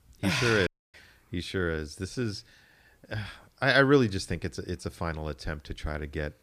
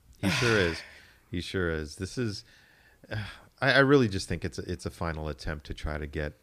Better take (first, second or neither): second